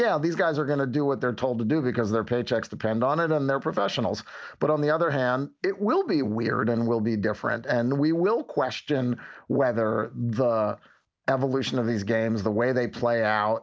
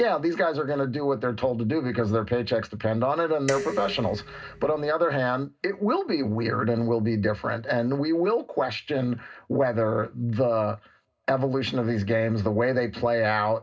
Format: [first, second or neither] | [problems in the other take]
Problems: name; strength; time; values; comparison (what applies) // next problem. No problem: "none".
first | background sound (Dishes, pots, and pans); 12 dB below the speech // room echo; dies away in 0.2 s